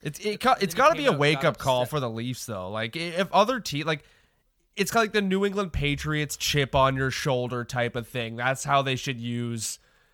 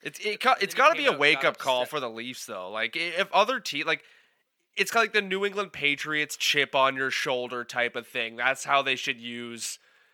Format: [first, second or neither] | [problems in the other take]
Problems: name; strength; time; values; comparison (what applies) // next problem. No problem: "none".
first | thin; somewhat; fading below 350 Hz